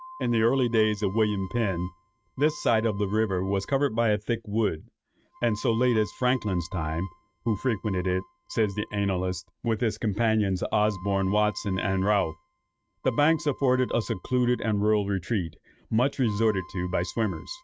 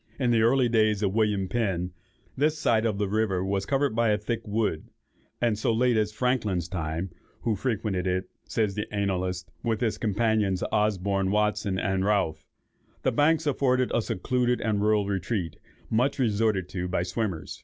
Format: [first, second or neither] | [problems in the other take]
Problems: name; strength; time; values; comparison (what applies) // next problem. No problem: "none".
second | noise reduction (neural mask model RNNoise)